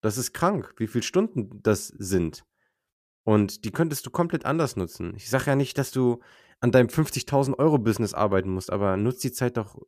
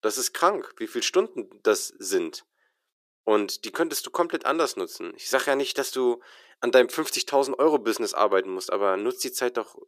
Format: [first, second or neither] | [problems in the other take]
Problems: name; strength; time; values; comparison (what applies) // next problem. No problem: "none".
first | thin; very; fading below 350 Hz